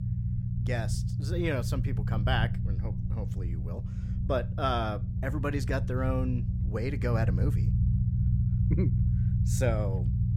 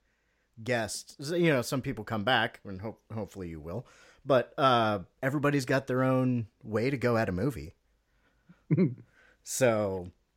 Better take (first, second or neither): second